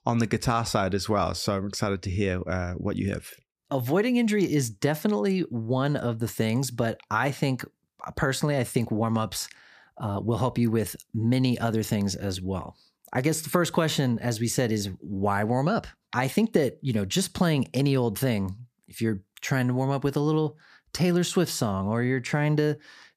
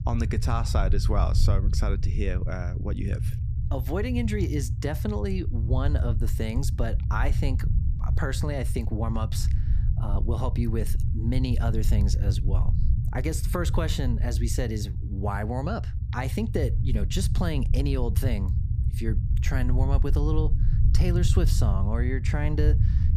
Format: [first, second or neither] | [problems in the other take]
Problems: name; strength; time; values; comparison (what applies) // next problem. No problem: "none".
first | low rumble; loud; throughout; 9 dB below the speech